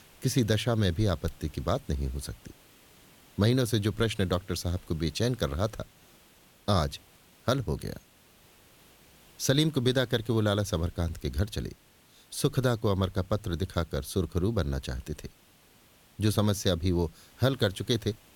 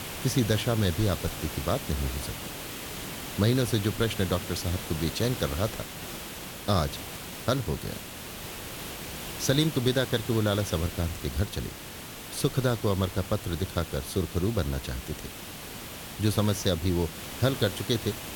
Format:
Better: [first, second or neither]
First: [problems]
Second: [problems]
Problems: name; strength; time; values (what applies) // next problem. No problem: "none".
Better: first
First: hiss; faint; throughout; 25 dB below the speech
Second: hiss; loud; throughout; 8 dB below the speech